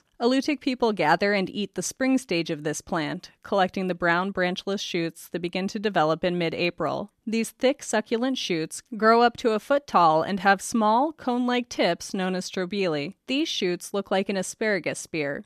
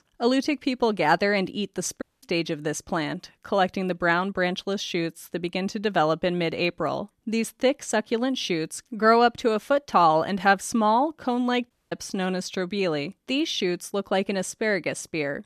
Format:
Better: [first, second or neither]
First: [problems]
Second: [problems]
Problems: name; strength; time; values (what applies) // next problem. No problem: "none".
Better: first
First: none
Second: audio cutting out; at 2 s and at 12 s